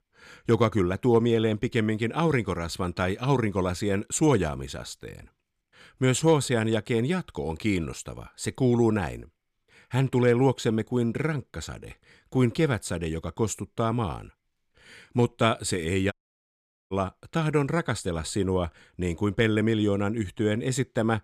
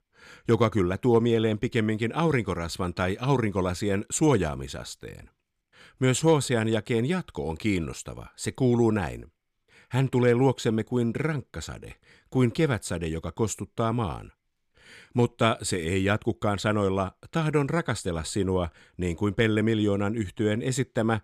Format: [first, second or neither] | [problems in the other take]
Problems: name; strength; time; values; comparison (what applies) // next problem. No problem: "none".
second | audio cutting out; at 16 s for 1 s